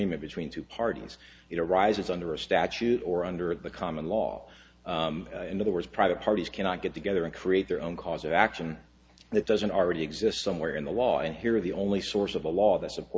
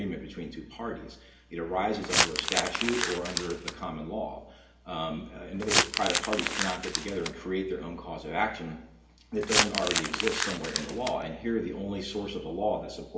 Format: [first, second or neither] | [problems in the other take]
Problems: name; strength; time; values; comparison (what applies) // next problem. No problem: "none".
first | background sound (Crumpling, crinkling); 3 dB above the speech // room echo; dies away in 0.8 s